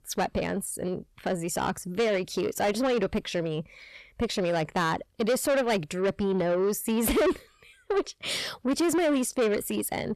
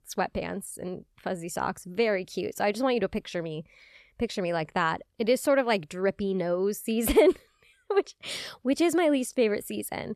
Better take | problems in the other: second | distortion; heavy; 8 dB below the speech

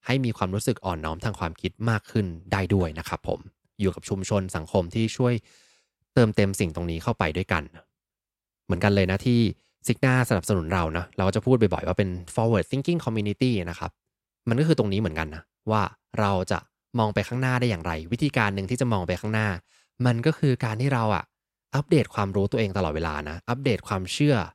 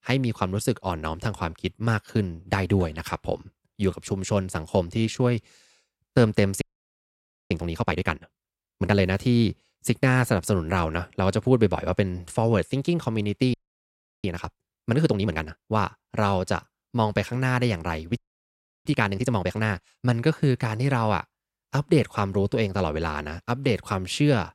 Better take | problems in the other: first | audio freezing; at 6.5 s for 1 s, at 14 s for 0.5 s and at 18 s for 0.5 s

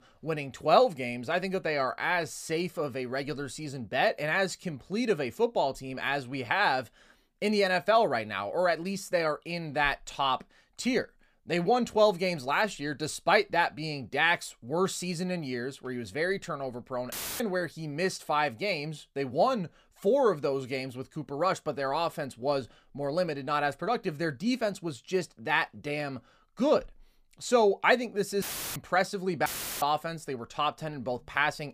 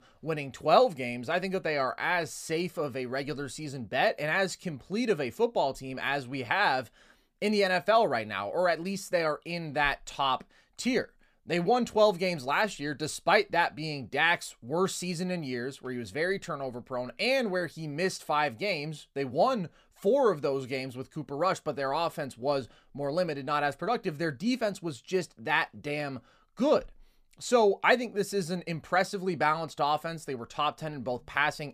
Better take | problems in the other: second | audio cutting out; filled with static; at 17 s, at 28 s and at 29 s

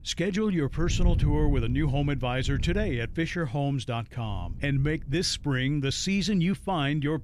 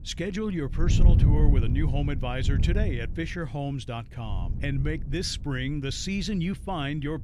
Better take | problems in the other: first | wind noise on the microphone; heavy; 8 dB below the speech; occasional gusts in the first

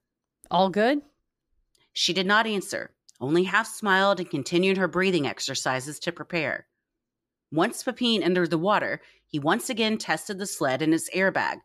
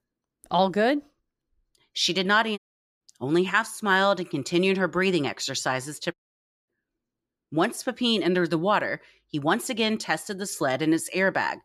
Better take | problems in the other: first | audio cutting out; at 2.5 s and at 6 s for 0.5 s

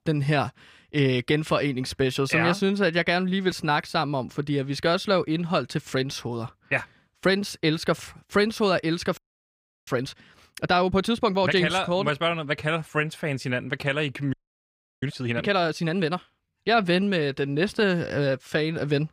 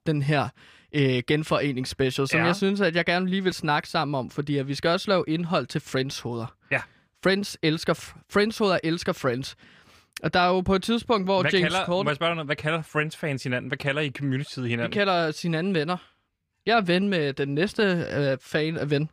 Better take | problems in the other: second | audio freezing; at 9 s for 0.5 s and at 14 s for 0.5 s

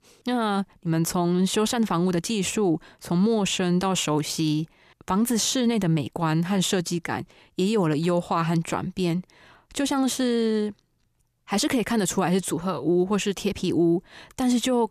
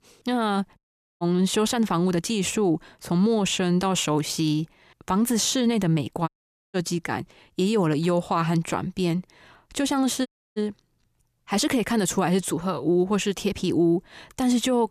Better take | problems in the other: first | audio cutting out; at 1 s, at 6.5 s and at 10 s

